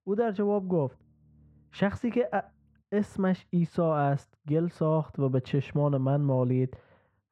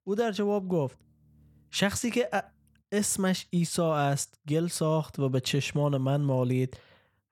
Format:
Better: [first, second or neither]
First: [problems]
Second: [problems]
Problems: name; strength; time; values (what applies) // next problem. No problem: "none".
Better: second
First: muffled; very; fading above 3.5 kHz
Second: none